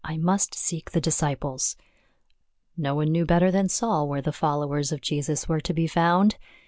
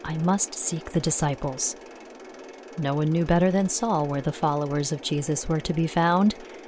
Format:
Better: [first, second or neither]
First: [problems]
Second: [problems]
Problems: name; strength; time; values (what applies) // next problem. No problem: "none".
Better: first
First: none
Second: background sound (Mechanisms); 18 dB below the speech